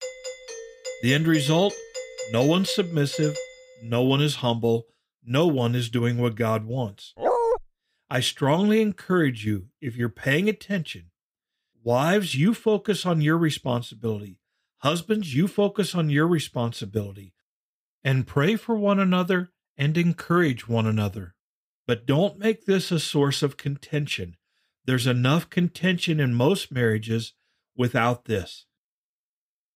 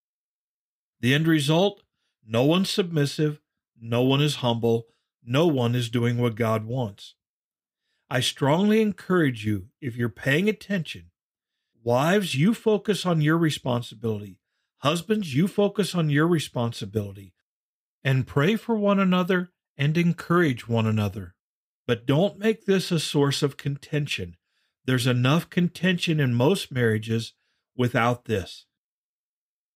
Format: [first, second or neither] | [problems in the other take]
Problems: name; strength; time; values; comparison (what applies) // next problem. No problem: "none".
second | doorbell; noticeable; until 3.5 s; peak 8 dB below the speech // dog barking; loud; at 7 s; peak 1 dB above the speech